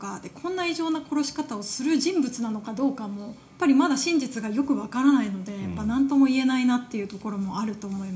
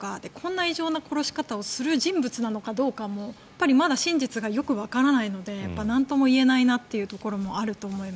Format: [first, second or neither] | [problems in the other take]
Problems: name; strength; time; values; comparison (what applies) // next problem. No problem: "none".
second | room echo; dies away in 0.4 s